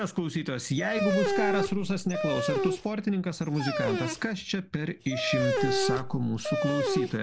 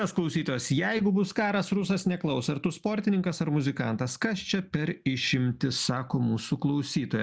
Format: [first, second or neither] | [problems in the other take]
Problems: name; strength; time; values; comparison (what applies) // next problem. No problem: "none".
second | background sound (Dog); 1 dB below the speech